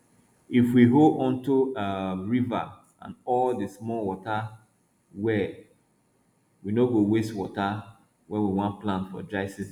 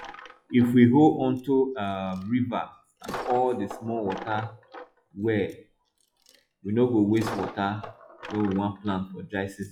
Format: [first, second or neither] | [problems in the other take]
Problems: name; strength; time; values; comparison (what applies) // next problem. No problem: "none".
first | noise reduction (classical method log-MMSE)